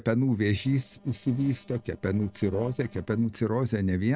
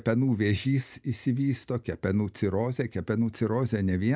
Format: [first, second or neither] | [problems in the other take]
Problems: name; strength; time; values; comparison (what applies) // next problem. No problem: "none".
second | noise reduction (neural separator model SepFormer DNS4)